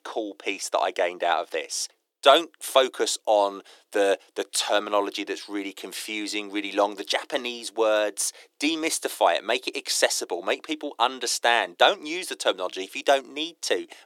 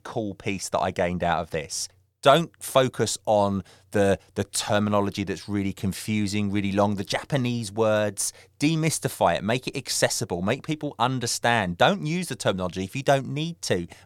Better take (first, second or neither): second